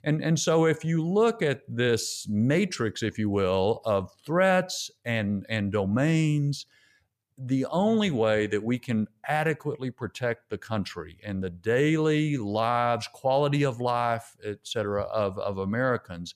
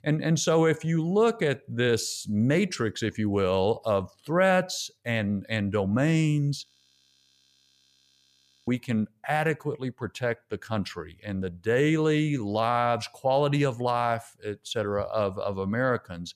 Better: first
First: none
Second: audio freezing; at 6.5 s for 2 s

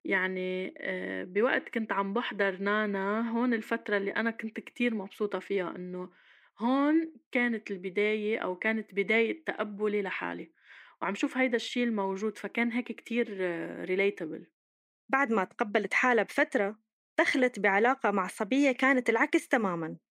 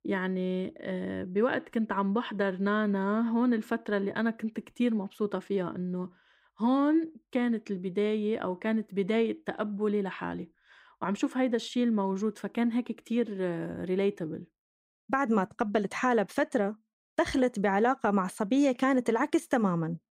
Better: second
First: thin; very slightly; fading below 300 Hz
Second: none

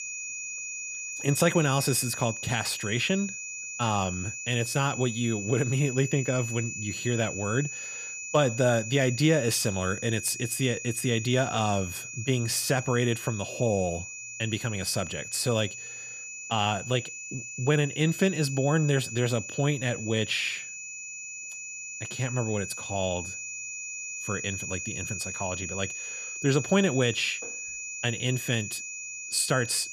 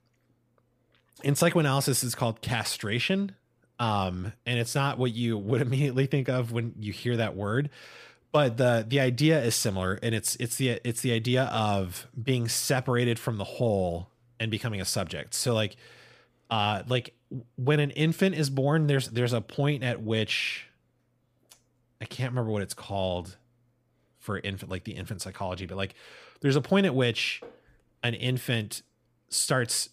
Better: second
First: high-pitched whine; loud; throughout; 2.5 kHz, 7 dB below the speech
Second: none

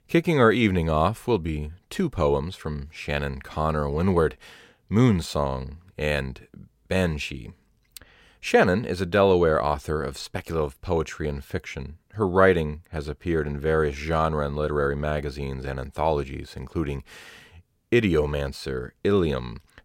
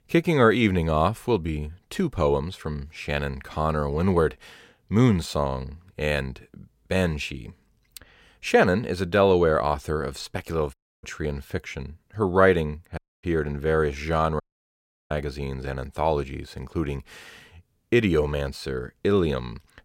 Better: first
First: none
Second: audio cutting out; at 11 s, at 13 s and at 14 s for 0.5 s

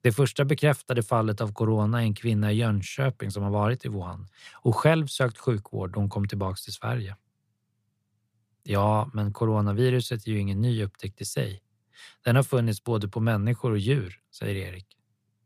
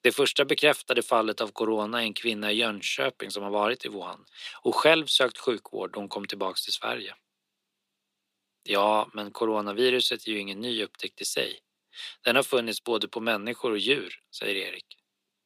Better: first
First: none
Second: thin; very; fading below 300 Hz

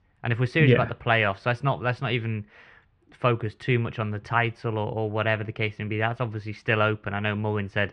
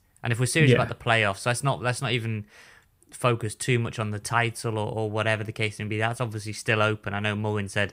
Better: second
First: muffled; slightly; fading above 3 kHz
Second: none

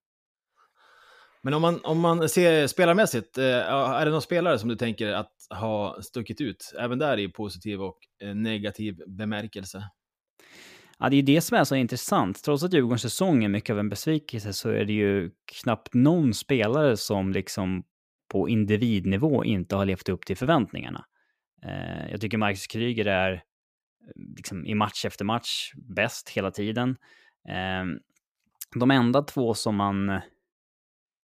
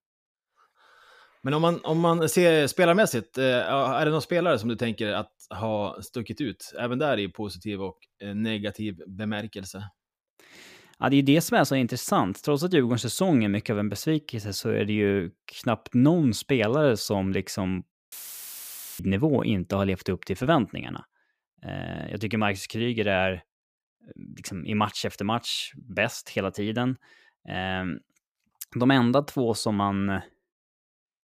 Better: first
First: none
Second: audio cutting out; filled with static; at 18 s for 1 s

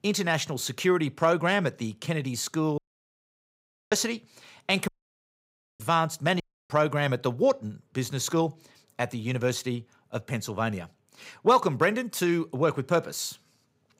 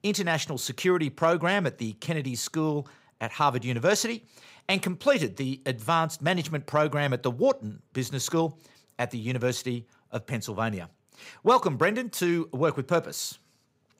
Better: second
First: audio cutting out; at 3 s for 1 s, at 5 s for 1 s and at 6.5 s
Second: none

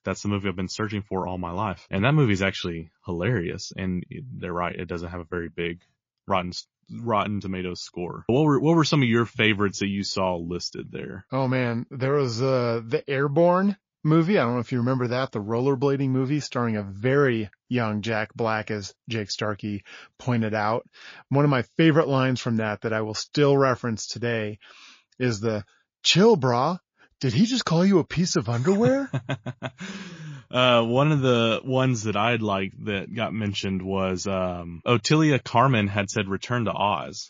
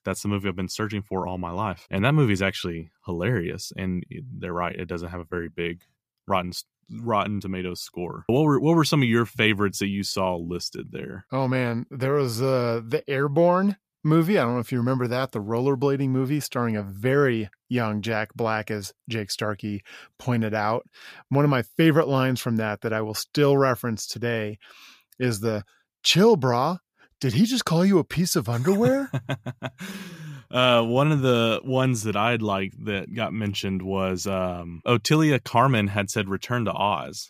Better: second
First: garbled, watery; slightly; nothing above 6 kHz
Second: none

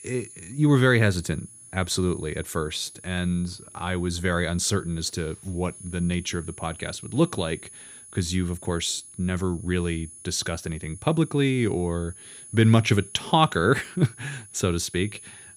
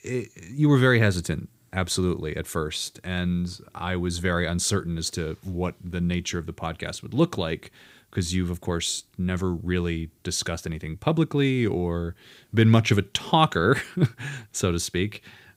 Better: second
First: high-pitched whine; noticeable; throughout; 10 kHz, 20 dB below the speech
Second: none

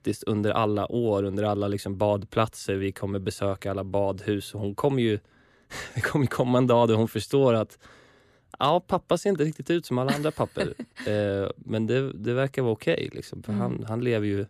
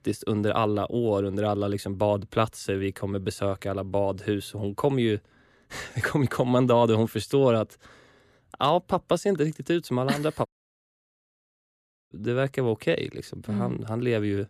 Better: first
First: none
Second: audio cutting out; at 10 s for 1.5 s

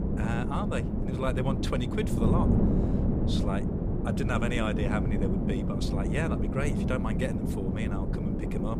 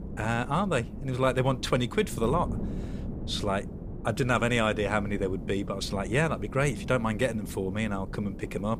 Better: second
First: wind noise on the microphone; heavy; 1 dB below the speech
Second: wind noise on the microphone; occasional gusts; 15 dB below the speech

